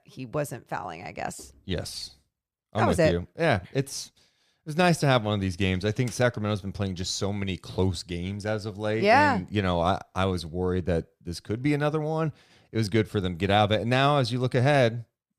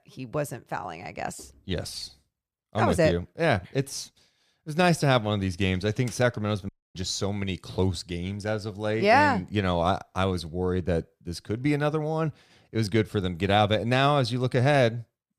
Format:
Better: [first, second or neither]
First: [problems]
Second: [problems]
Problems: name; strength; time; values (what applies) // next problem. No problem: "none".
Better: first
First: none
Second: audio cutting out; at 6.5 s